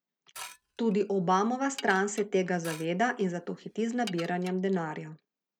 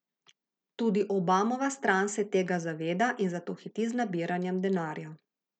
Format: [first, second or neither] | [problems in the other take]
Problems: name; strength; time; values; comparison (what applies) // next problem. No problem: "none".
second | background sound (Dishes, pots, and pans / Glass); 18 dB below the speech